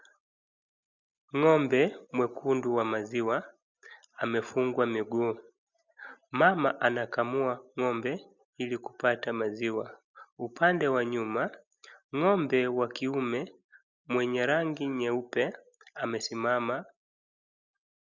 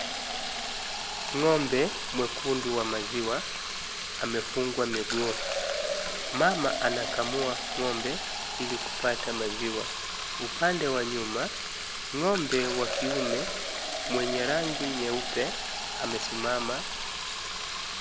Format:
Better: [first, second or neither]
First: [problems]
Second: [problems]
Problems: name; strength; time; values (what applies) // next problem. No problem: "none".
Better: first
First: none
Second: background sound (Fill (with liquid)); 2 dB below the speech